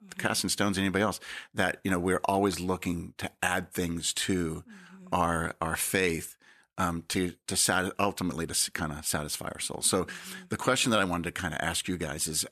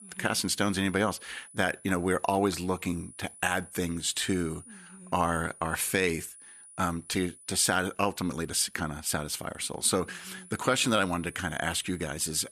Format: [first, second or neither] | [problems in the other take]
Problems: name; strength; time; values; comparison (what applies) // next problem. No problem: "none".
first | high-pitched whine; faint; throughout; 10 kHz, 20 dB below the speech